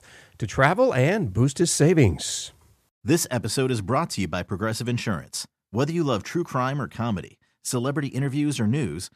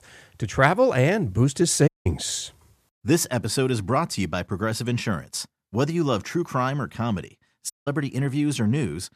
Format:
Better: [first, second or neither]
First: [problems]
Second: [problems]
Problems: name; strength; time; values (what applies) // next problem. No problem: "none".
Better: first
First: none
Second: audio cutting out; at 2 s and at 7.5 s